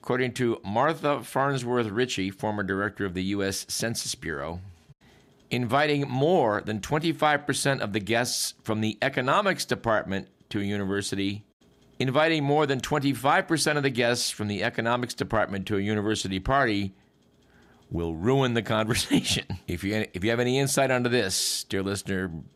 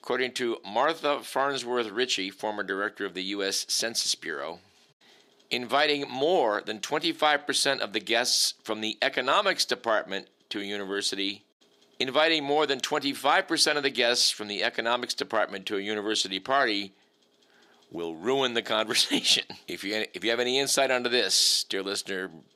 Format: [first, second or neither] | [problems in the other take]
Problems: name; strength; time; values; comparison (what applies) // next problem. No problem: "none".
first | thin; somewhat; fading below 400 Hz